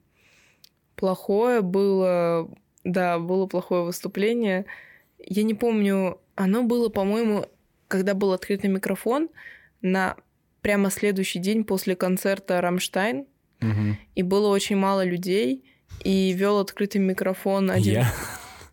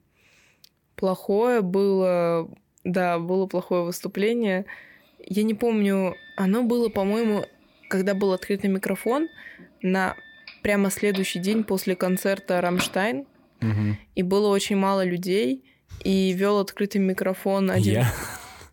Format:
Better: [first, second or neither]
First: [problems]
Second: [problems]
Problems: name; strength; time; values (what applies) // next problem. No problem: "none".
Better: first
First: none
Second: doorbell; noticeable; from 10 to 13 s; peak 7 dB below the speech